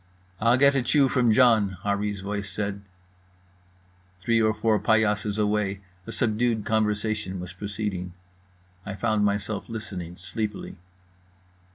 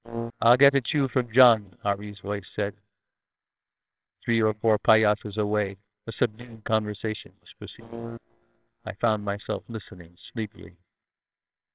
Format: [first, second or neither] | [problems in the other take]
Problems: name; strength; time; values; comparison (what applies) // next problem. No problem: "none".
first | noise reduction (neural separator model SepFormer WHAMR!)